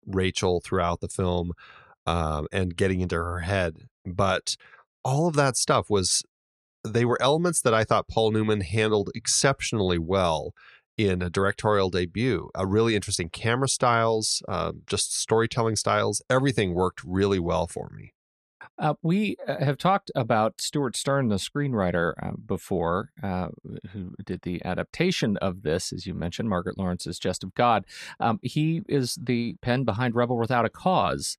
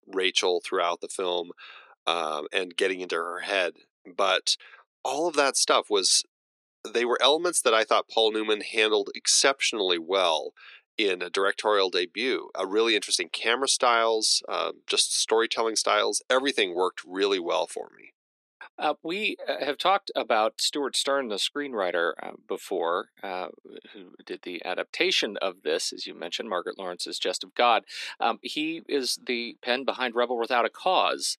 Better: first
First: none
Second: thin; somewhat; fading below 300 Hz

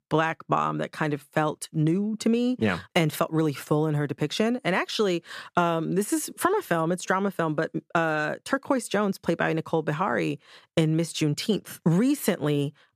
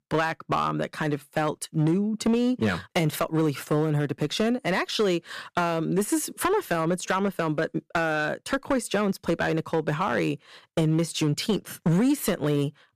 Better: first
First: none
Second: distortion; slight; 5% of the sound clipped

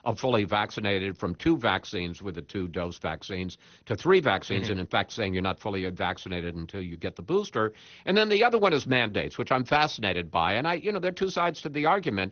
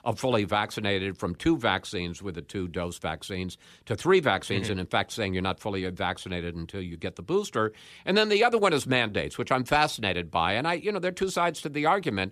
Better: second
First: garbled, watery; slightly; nothing above 6.5 kHz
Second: none

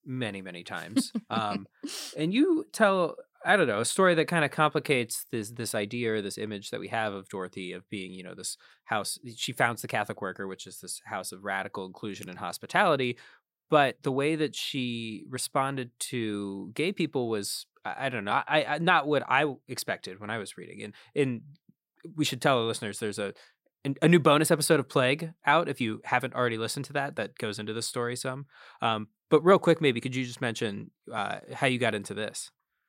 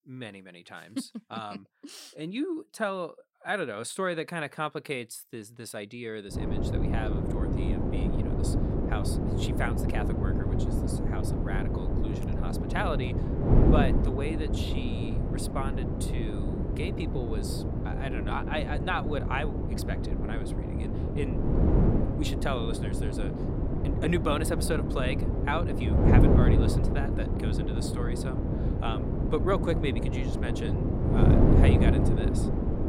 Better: first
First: none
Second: wind noise on the microphone; heavy; from 6.5 s on; as loud as the speech

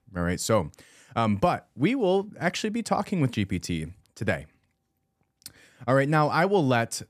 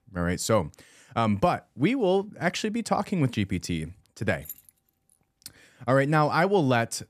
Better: first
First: none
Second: jangling keys; faint; at 4.5 s; peak 15 dB below the speech

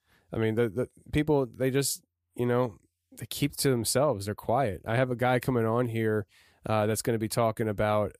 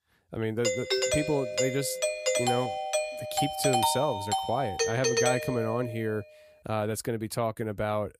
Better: first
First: none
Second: doorbell; loud; from 0.5 to 6 s; peak 5 dB above the speech

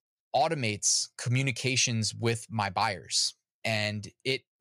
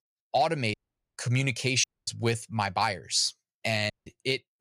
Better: first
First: none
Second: audio cutting out; at 0.5 s, at 2 s and at 4 s

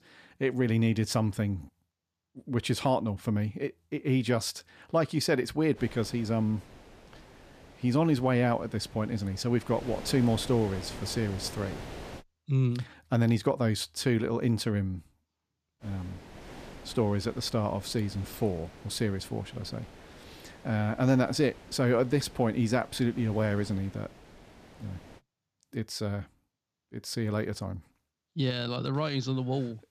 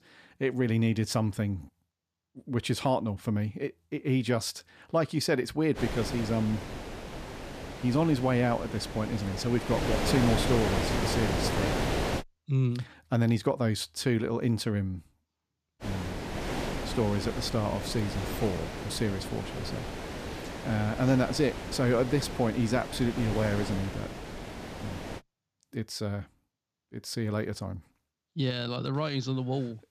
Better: first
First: wind noise on the microphone; occasional gusts; from 6 to 12 s and from 16 to 25 s; 15 dB below the speech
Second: wind noise on the microphone; heavy; from 6 to 12 s and from 16 to 25 s; 3 dB below the speech

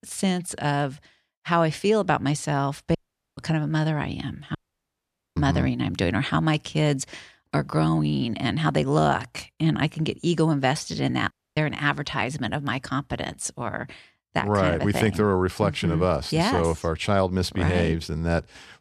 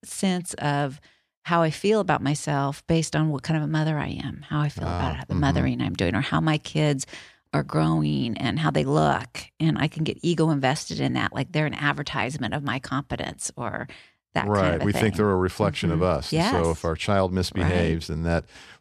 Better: second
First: audio cutting out; at 3 s, at 4.5 s for 1 s and at 11 s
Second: none

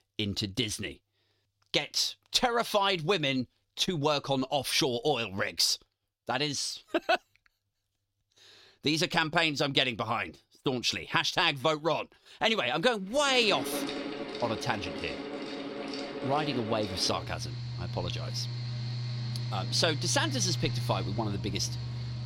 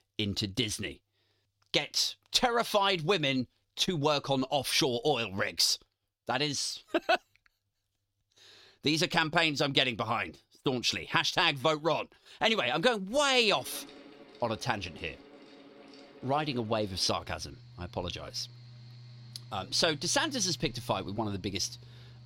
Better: second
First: machinery noise; loud; from 13 s on; 7 dB below the speech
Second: machinery noise; faint; from 13 s on; 20 dB below the speech

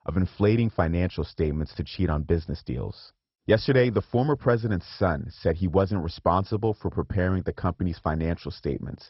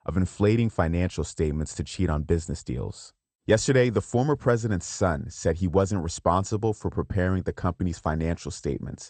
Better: second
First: garbled, watery; badly; nothing above 5.5 kHz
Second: garbled, watery; slightly; nothing above 8.5 kHz

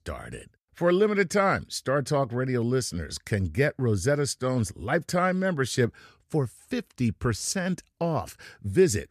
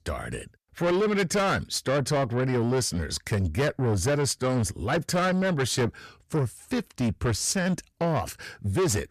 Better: first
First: none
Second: distortion; heavy; 8 dB below the speech

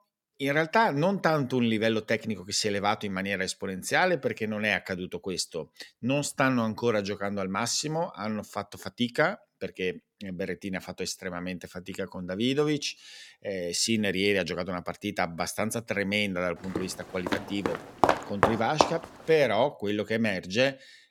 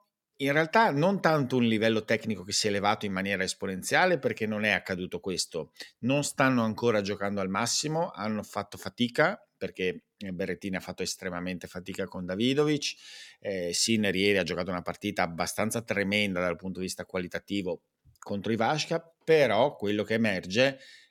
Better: second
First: footsteps; loud; from 17 to 19 s; peak 4 dB above the speech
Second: none

